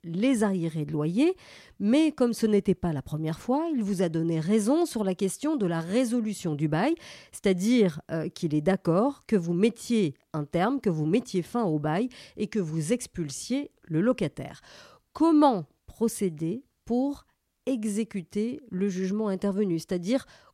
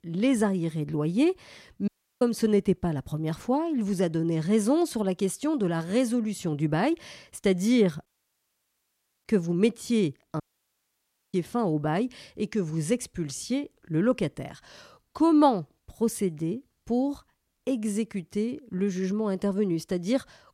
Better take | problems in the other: first | audio cutting out; at 2 s, at 8 s for 1 s and at 10 s for 1 s

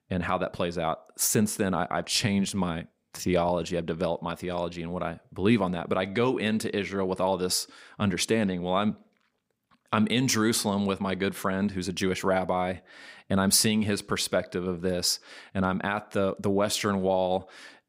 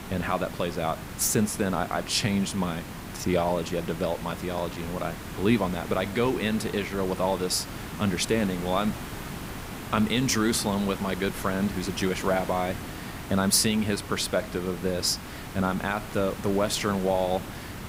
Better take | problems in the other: first | hiss; noticeable; throughout; 10 dB below the speech

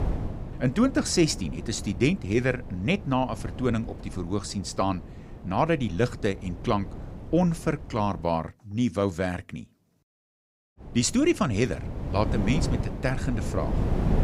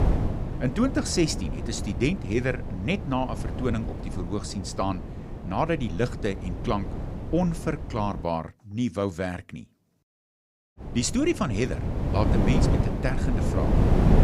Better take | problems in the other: first | wind noise on the microphone; heavy; until 8 s and from 11 s on; 6 dB below the speech; occasional gusts in the first

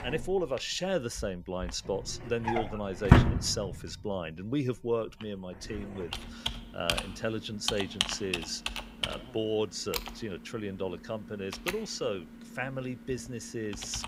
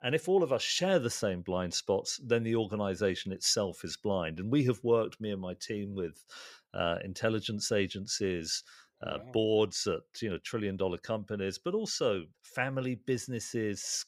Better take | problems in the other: second | household noises; very loud; throughout; 3 dB above the speech

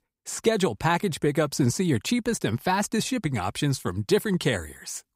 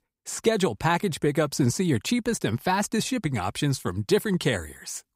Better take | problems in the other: neither | none

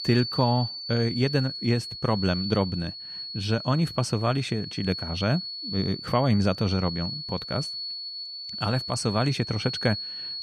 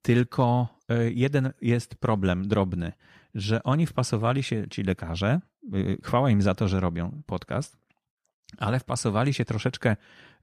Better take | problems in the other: second | high-pitched whine; loud; throughout; 4.5 kHz, 6 dB below the speech

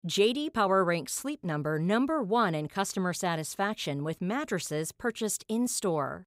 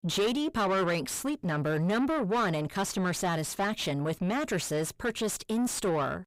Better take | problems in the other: first | distortion; heavy; 7 dB below the speech

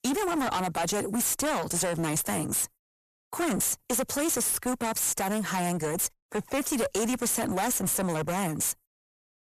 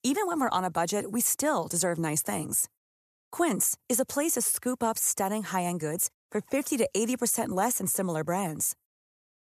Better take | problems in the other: second | distortion; heavy; 25% of the sound clipped

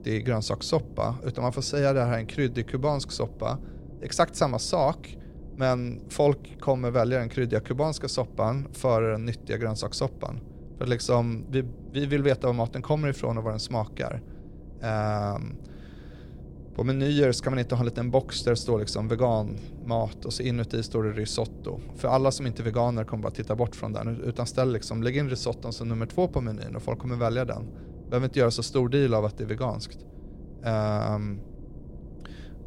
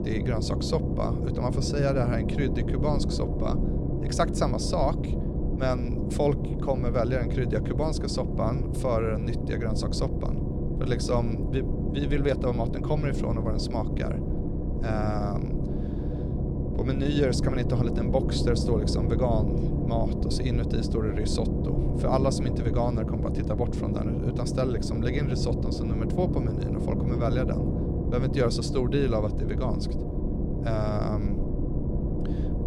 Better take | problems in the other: first | low rumble; loud; throughout; 5 dB below the speech; faint in the first

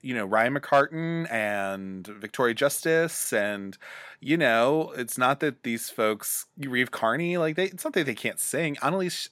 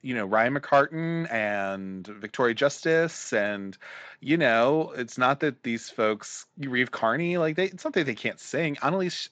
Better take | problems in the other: first | garbled, watery; slightly; nothing above 7.5 kHz

